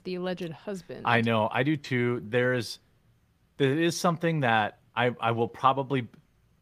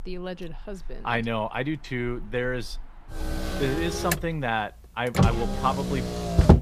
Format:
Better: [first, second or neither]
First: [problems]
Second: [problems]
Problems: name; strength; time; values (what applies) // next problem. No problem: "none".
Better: first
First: none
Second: traffic noise; very loud; throughout; 2 dB above the speech